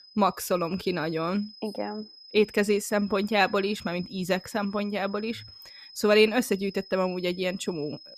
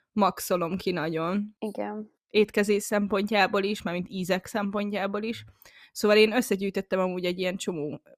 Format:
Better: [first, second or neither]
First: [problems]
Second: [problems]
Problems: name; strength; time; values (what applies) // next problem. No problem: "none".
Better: second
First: high-pitched whine; noticeable; throughout; 5 kHz, 20 dB below the speech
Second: none